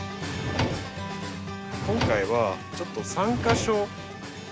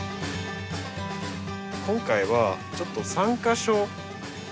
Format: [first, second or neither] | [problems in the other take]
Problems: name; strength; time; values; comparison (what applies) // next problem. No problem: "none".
second | background sound (Drawer open or close); 4 dB below the speech